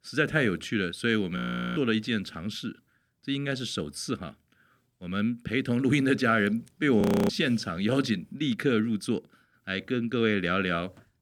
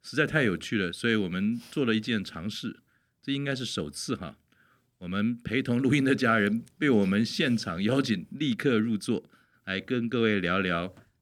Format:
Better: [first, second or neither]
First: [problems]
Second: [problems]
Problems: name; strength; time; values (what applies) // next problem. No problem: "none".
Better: second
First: audio freezing; at 1.5 s and at 7 s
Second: none